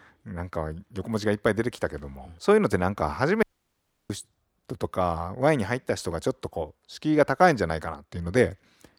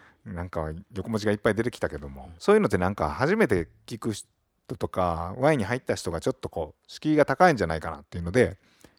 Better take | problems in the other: second | audio cutting out; at 3.5 s for 0.5 s

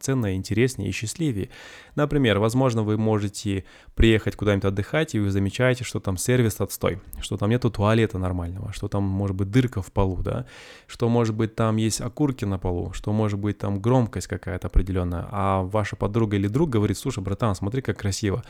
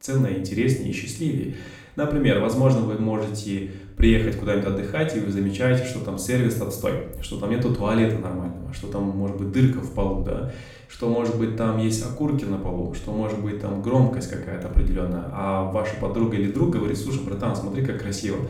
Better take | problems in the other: first | room echo; noticeable; dies away in 0.5 s // off-mic speech; far

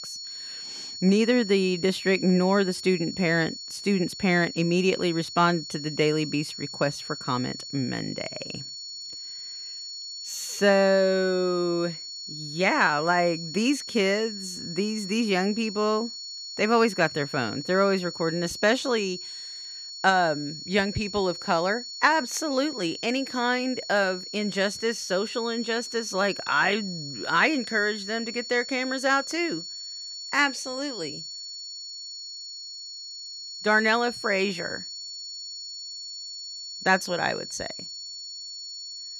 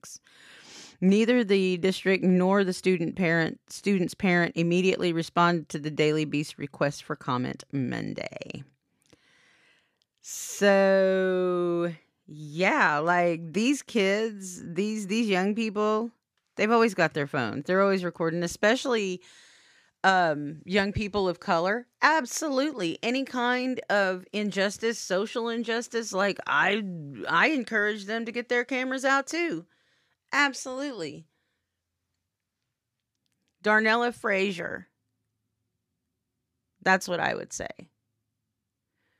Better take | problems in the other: second | high-pitched whine; loud; throughout; 4.5 kHz, 10 dB below the speech

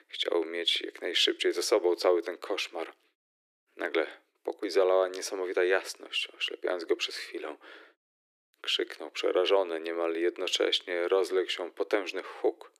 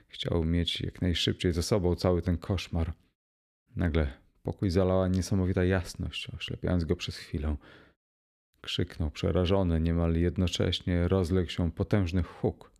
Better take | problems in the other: second | thin; very; fading below 350 Hz

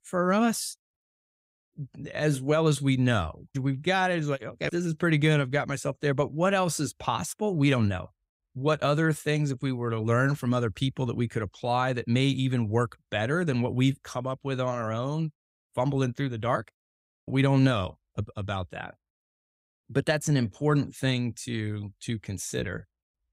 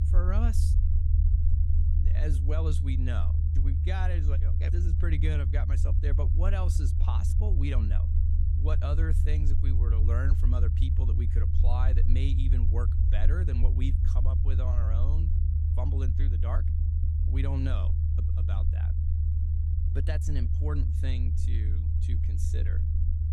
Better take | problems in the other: first | low rumble; loud; throughout; 2 dB below the speech

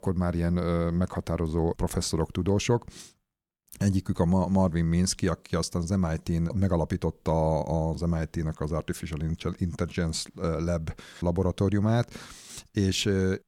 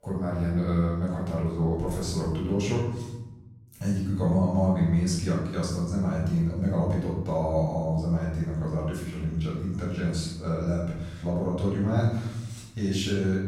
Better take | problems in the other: first | off-mic speech; far // room echo; noticeable; dies away in 1 s

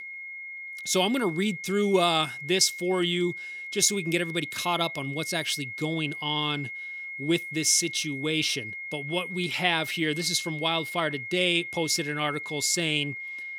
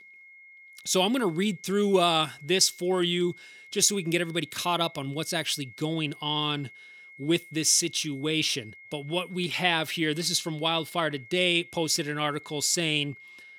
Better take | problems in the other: second | high-pitched whine; loud; throughout; 2 kHz, 9 dB below the speech; faint in the second

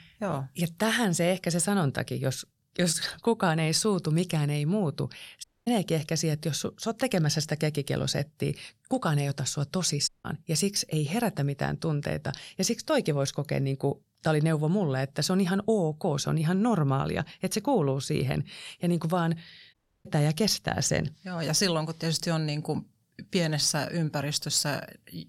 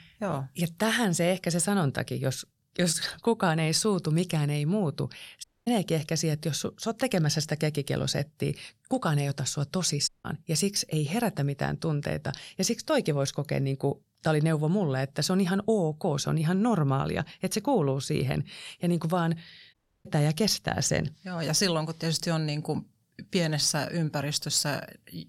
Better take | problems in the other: neither | audio cutting out; at 5.5 s, at 10 s and at 20 s; the same in both

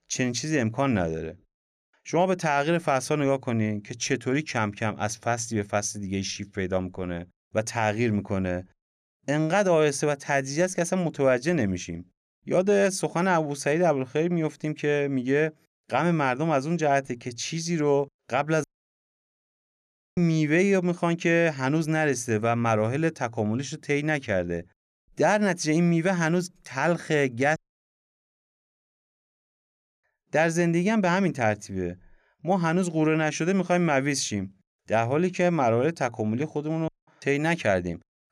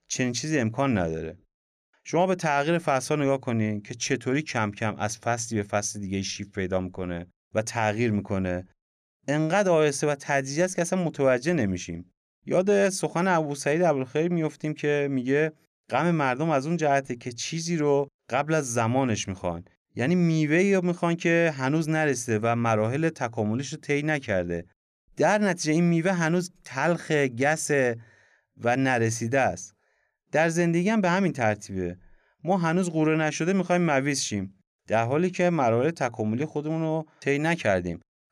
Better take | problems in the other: second | audio cutting out; at 19 s for 1.5 s, at 28 s for 2.5 s and at 37 s

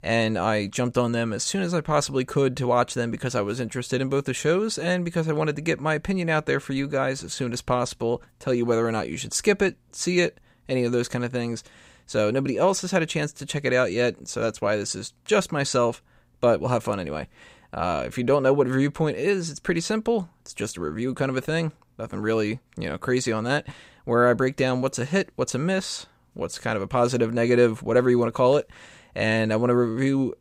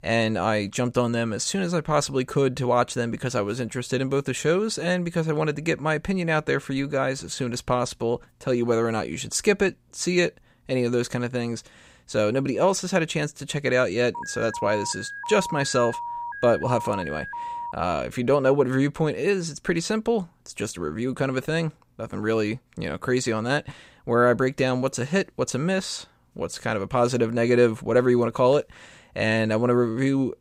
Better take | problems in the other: first | alarm; noticeable; from 14 to 18 s; peak 8 dB below the speech

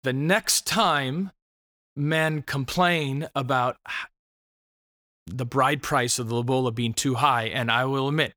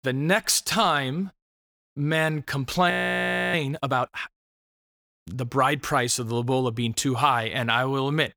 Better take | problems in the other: first | audio freezing; at 3 s for 0.5 s

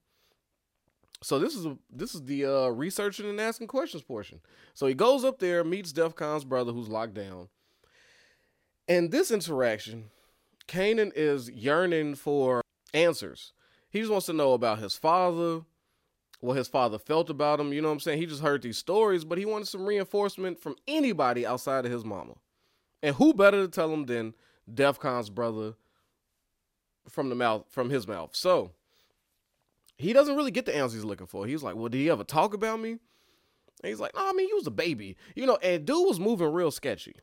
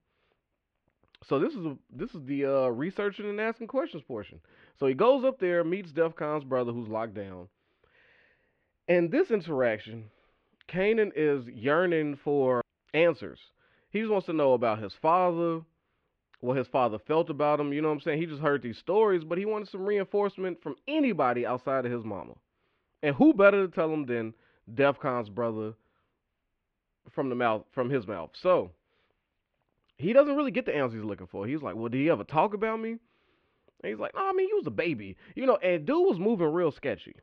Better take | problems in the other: first | muffled; very; fading above 2.5 kHz

